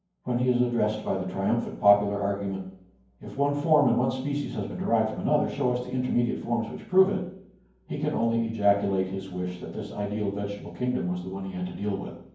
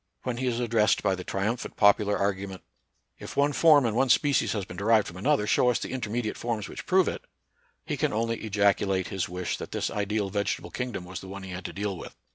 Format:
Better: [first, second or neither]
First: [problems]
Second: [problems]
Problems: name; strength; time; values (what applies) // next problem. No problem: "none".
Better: second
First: room echo; dies away in 0.9 s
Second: none